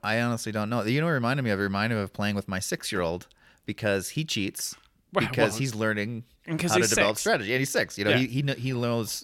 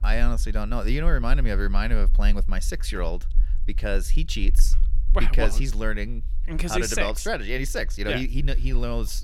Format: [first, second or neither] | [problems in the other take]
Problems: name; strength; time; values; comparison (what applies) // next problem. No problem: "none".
first | low rumble; faint; throughout; 25 dB below the speech